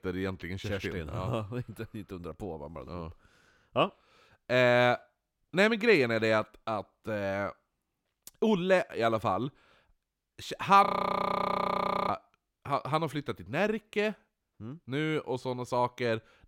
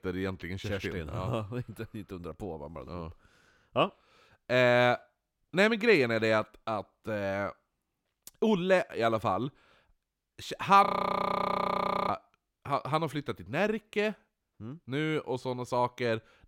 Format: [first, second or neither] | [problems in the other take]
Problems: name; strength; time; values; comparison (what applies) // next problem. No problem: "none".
neither | audio freezing; at 11 s for 1 s; the same in both